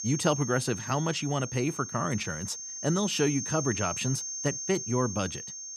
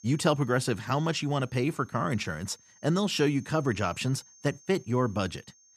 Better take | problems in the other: second | high-pitched whine; loud; throughout; 6.5 kHz, 5 dB below the speech; faint in the second

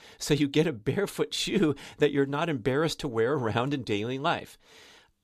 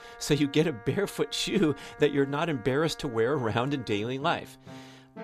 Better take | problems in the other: first | background music; faint; throughout; 20 dB below the speech

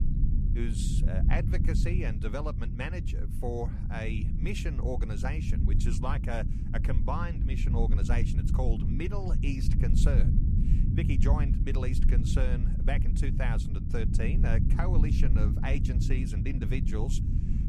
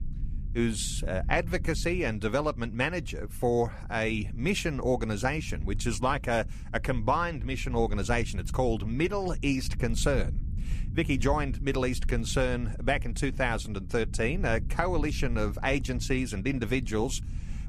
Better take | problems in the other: second | low rumble; loud; throughout; 4 dB below the speech; faint in the second

